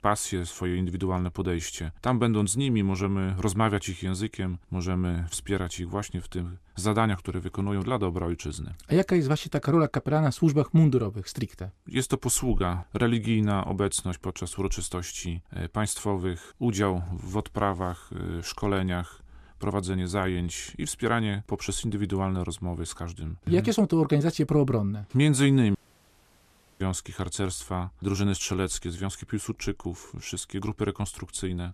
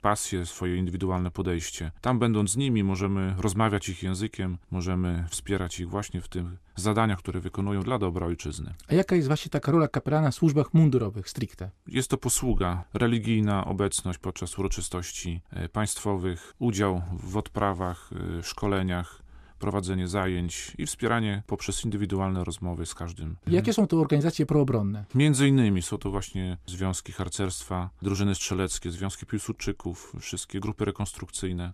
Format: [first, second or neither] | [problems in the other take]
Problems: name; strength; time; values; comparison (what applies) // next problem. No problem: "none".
second | audio cutting out; at 26 s for 1 s